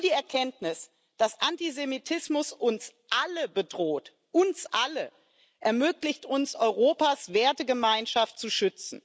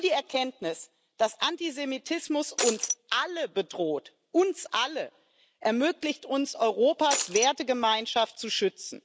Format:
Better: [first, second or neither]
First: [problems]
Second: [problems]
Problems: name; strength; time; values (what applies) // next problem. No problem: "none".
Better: first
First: none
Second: background sound (Shatter); 1 dB below the speech